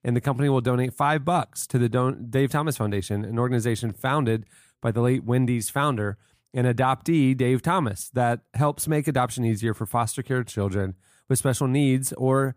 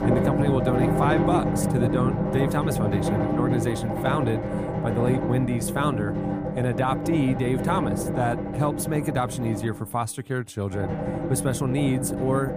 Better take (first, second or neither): first